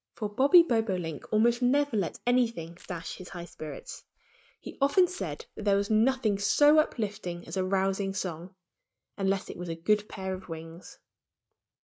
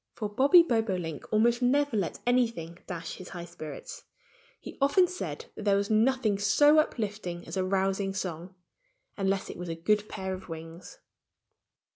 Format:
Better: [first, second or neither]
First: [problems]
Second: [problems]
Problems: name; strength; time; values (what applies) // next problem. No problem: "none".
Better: second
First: noise reduction (neural mask model RNNoise)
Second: none